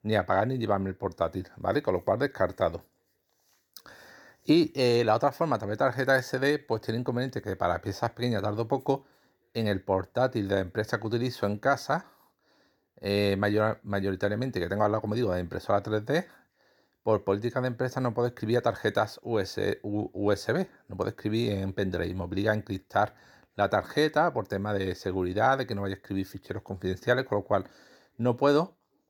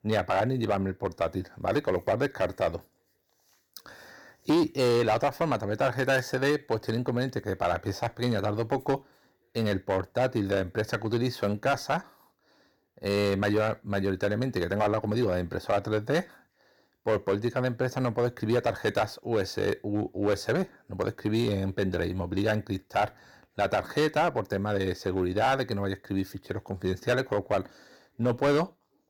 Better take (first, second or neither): first